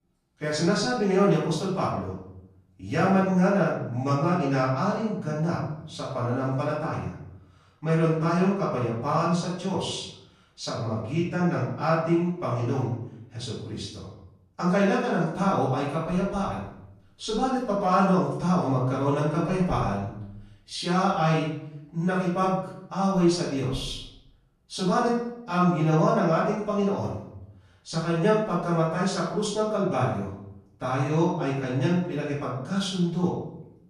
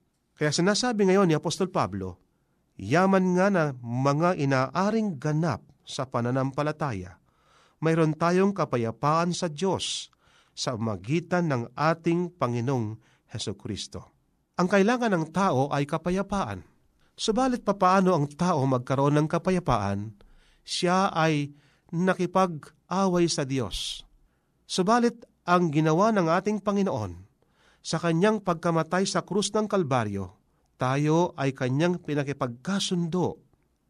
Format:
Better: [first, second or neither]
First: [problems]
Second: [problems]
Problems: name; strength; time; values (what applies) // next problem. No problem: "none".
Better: second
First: off-mic speech; far // room echo; noticeable; dies away in 0.7 s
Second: none